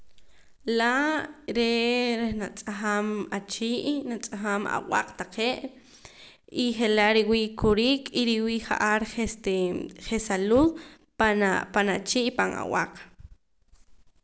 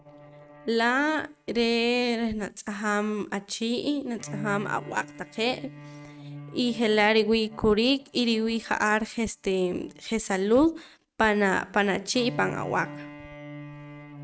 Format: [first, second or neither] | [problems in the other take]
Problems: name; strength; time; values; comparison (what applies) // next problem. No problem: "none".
first | noise reduction (neural mask model RNNoise)